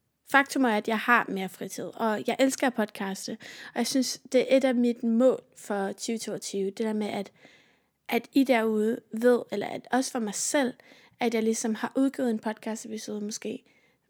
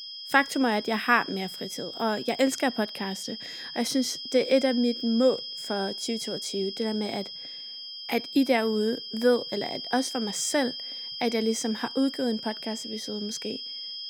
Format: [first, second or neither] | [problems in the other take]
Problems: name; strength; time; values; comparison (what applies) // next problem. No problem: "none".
first | high-pitched whine; loud; throughout; 5 kHz, 8 dB below the speech